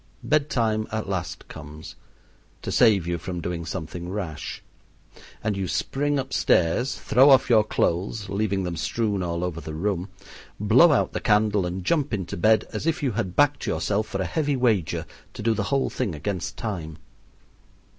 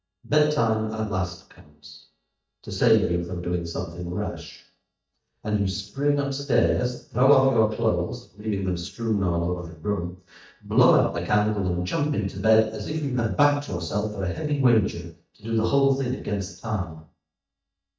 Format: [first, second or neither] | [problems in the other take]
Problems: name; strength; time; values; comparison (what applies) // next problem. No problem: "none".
first | noise reduction (neural mask model DeepFilterNet 3)